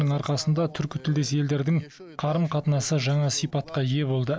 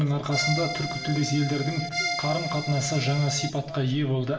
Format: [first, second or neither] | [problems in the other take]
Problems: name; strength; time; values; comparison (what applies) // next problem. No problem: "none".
first | background sound (Accordion); 5 dB below the speech // room echo; dies away in 0.7 s